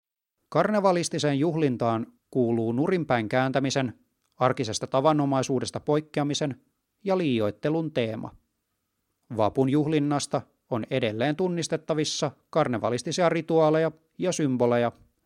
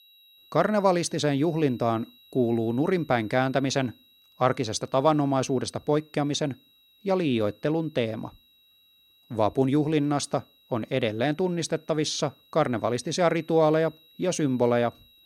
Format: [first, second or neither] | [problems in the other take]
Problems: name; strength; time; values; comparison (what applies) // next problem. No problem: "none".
first | high-pitched whine; faint; throughout; 4 kHz, 30 dB below the speech